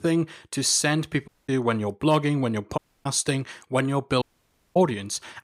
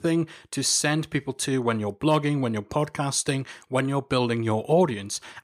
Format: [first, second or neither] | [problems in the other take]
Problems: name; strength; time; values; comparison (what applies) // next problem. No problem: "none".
second | audio cutting out; at 1.5 s, at 3 s and at 4 s for 0.5 s